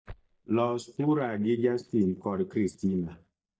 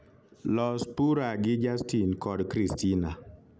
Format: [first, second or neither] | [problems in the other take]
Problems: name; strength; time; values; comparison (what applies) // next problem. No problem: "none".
second | noise reduction (neural mask model DeepFilterNet 3)